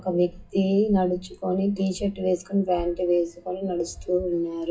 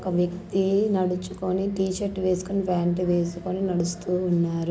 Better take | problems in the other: second | noise reduction (classical method WPE with log-MMSE)

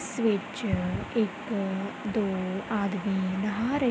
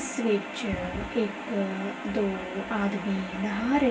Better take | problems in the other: first | room echo; dies away in 0.2 s

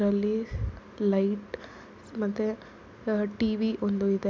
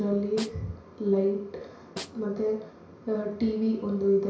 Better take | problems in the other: first | background sound (Snare drum); 18 dB below the speech // room echo; dies away in 0.6 s

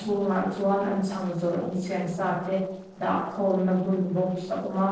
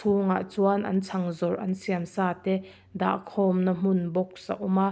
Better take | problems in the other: second | noise reduction (neural separator model SepFormer DNS4)

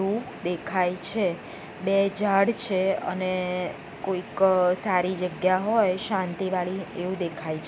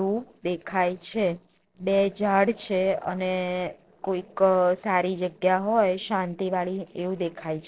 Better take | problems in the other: first | noise reduction (neural separator model SepFormer DNS4)

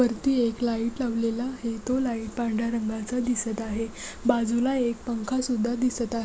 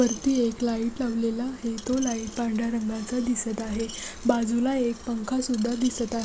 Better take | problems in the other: first | background sound (Screech); 18 dB below the speech

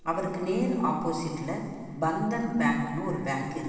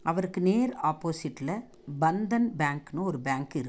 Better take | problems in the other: second | room echo; dies away in 1.6 s

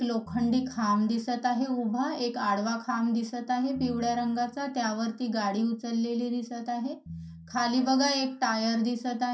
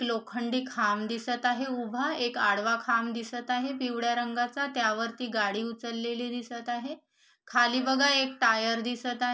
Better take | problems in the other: second | background sound (Piano); 19 dB below the speech // room echo; dies away in 0.3 s

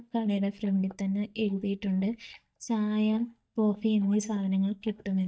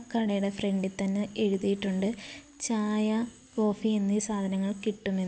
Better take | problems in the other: second | noise reduction (neural mask model DeepFilterNet 3)

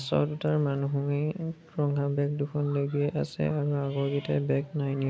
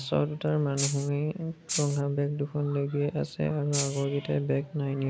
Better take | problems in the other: first | background sound (Rattle (instrument)); 5 dB below the speech

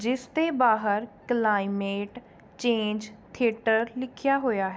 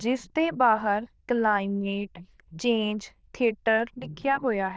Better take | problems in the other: first | noise reduction (neural diffusion model UNIVERSE++)

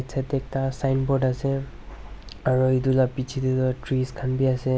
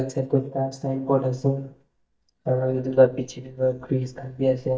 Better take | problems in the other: first | noise reduction (neural mask model DeepFilterNet 3)

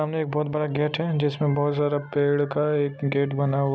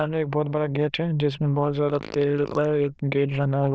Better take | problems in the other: first | noise reduction (neural diffusion model UNIVERSE++)

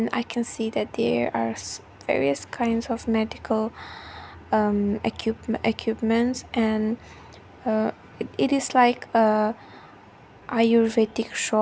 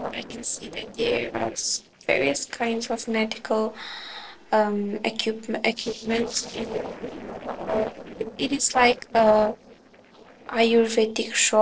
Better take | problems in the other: first | noise reduction (neural separator model SepFormer DNS4)

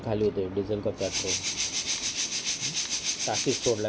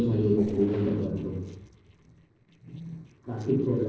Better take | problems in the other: first | noise reduction (neural separator model SepFormer DNS4)

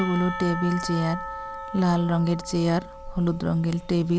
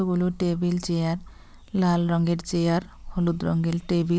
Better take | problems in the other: second | background sound (Church bell / Percussion); 11 dB below the speech

